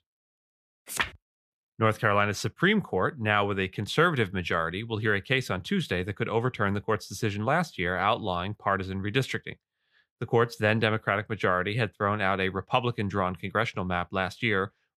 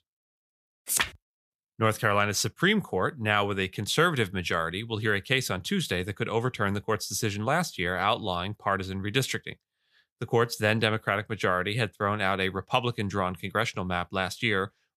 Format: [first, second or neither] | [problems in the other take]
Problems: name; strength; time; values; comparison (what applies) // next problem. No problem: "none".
second | muffled; slightly; fading above 4 kHz